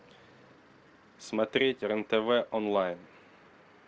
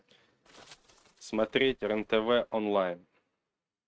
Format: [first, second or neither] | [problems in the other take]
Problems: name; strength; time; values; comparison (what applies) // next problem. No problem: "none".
first | noise reduction (neural mask model RNNoise)